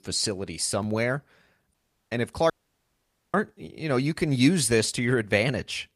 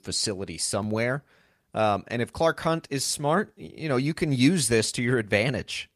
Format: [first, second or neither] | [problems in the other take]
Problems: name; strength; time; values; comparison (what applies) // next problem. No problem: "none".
second | audio cutting out; at 1.5 s and at 2.5 s for 1 s